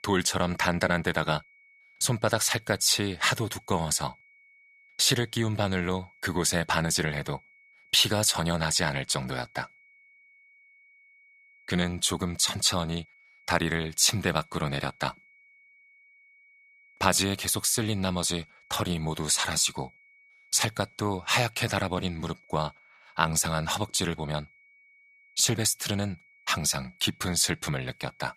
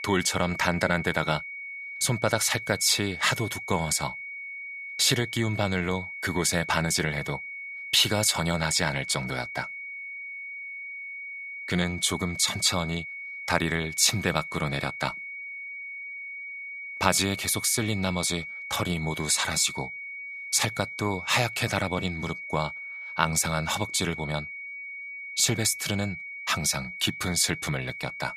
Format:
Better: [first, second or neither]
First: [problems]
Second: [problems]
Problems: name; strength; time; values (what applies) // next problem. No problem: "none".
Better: first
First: high-pitched whine; faint; throughout; 2 kHz, 30 dB below the speech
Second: high-pitched whine; loud; throughout; 2 kHz, 9 dB below the speech